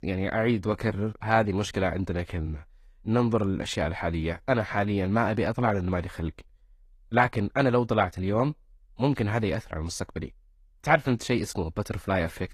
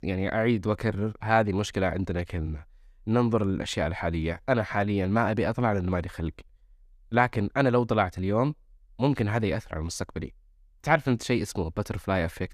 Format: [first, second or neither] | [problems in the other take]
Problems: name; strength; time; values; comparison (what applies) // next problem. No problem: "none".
second | garbled, watery; slightly; nothing above 14.5 kHz